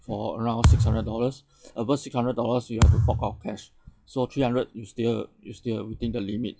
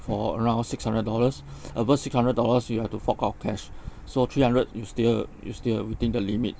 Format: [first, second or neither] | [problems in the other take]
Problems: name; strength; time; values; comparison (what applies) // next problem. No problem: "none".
second | noise reduction (classical method log-MMSE)